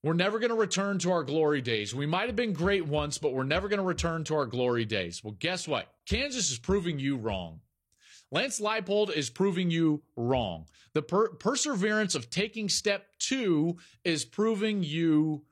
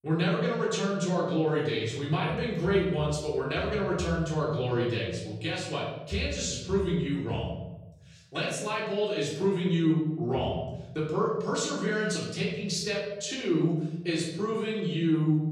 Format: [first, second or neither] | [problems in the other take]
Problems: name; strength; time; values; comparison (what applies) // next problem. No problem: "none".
first | room echo; noticeable; dies away in 1.2 s // off-mic speech; far